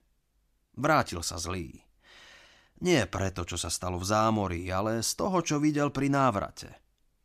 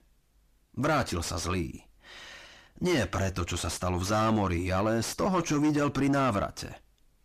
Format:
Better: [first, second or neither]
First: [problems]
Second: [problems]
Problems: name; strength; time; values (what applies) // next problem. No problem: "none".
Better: first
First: none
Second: distortion; heavy; 6 dB below the speech